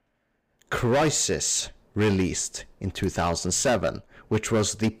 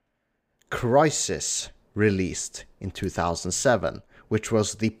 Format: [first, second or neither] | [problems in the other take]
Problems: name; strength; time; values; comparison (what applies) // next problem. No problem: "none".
second | distortion; heavy; 8% of the sound clipped